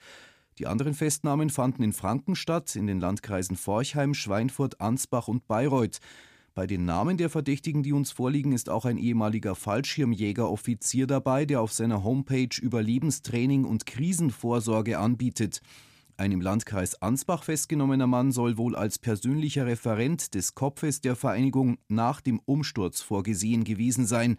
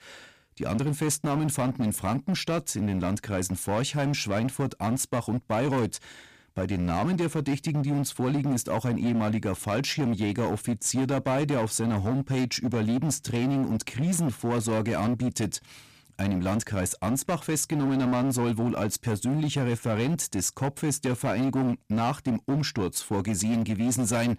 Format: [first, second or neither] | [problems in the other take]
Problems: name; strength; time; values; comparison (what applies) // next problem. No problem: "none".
first | distortion; slight; 17% of the sound clipped